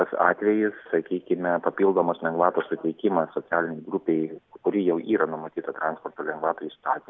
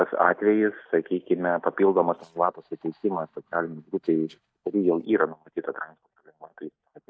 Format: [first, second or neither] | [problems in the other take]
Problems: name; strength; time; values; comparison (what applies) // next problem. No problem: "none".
first | noise reduction (neural mask model DeepFilterNet 3)